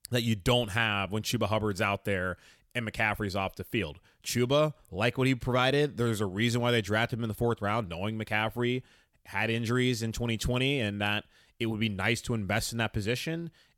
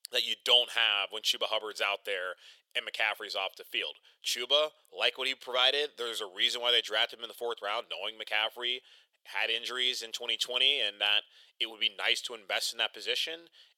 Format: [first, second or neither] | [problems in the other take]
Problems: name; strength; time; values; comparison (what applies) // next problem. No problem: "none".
first | thin; very; fading below 500 Hz